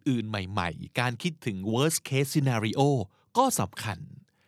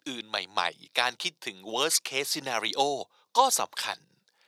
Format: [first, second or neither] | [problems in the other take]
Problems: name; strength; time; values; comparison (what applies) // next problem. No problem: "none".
first | thin; very; fading below 650 Hz